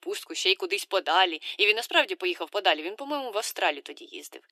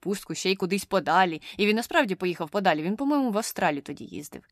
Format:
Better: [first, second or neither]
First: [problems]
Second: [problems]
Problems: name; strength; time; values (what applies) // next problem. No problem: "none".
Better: second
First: thin; very; fading below 350 Hz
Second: none